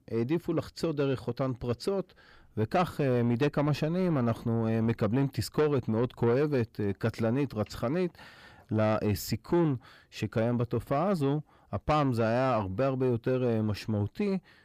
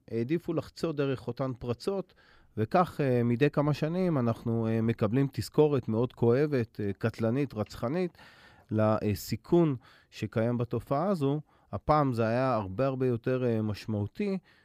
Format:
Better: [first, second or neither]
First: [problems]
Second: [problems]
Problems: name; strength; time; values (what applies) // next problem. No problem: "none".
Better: second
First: distortion; slight; 10 dB below the speech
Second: none